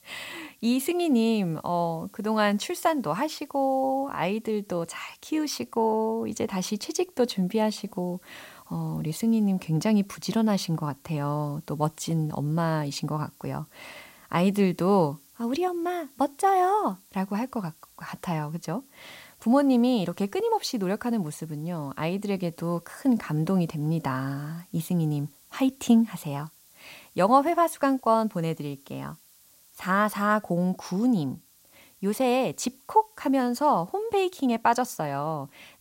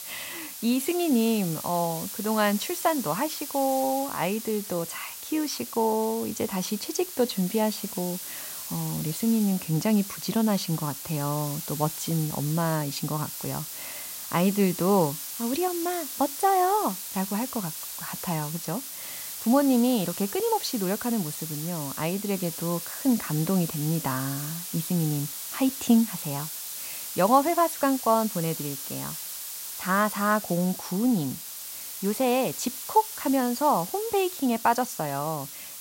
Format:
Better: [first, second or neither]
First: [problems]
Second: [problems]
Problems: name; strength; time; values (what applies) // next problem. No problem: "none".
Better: first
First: hiss; faint; throughout; 30 dB below the speech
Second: hiss; loud; throughout; 7 dB below the speech